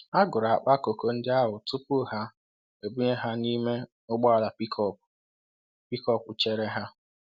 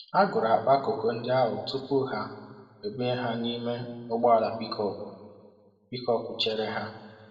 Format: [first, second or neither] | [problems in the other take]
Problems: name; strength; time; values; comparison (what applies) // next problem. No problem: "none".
first | room echo; dies away in 1.3 s